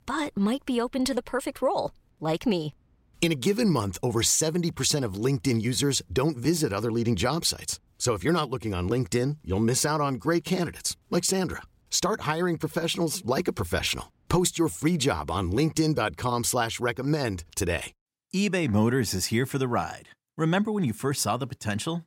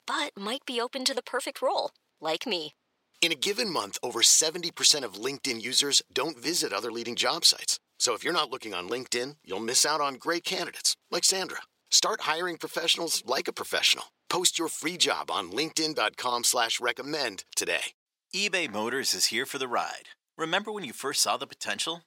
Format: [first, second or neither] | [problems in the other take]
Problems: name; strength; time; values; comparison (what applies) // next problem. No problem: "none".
first | thin; somewhat; fading below 450 Hz